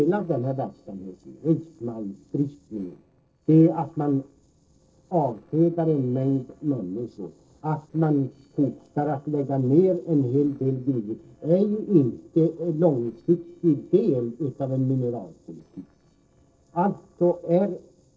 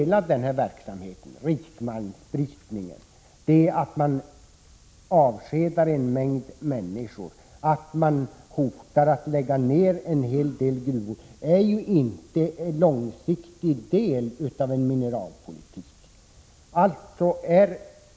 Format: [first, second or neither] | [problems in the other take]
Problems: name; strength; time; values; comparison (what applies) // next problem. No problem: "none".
second | noise reduction (neural separator model SepFormer DNS4)